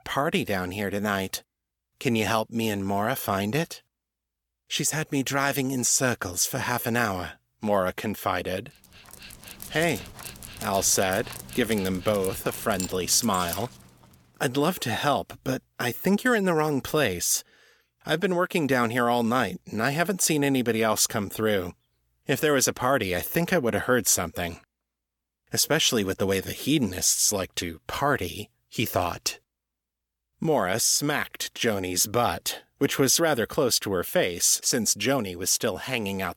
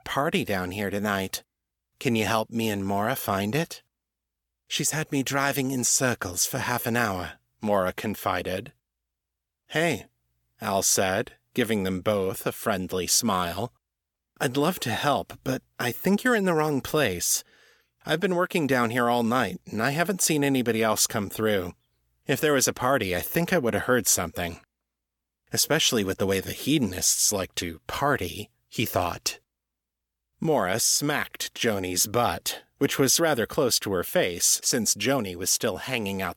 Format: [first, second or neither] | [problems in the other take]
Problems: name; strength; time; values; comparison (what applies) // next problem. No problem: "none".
second | dog barking; noticeable; from 9 to 14 s; peak 9 dB below the speech